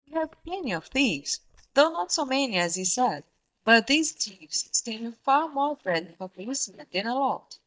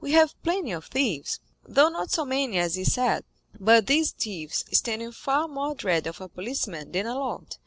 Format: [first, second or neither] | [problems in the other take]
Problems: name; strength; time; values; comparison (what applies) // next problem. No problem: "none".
second | noise reduction (neural mask model DeepFilterNet 3)